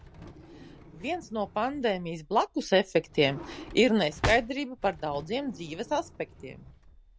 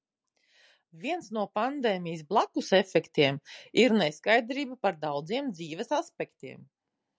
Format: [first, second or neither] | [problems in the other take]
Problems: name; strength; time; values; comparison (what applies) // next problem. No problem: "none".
second | background sound (Drawer open or close); 13 dB below the speech